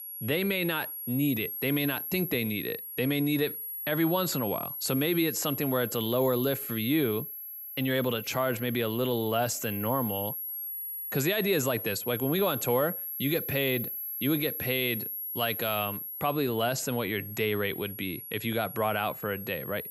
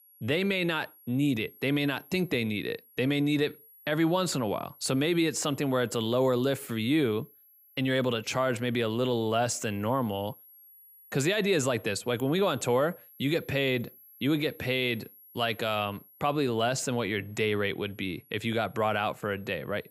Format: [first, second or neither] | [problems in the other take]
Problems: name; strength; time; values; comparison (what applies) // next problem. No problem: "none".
second | high-pitched whine; loud; throughout; 11.5 kHz, 5 dB below the speech; faint in the second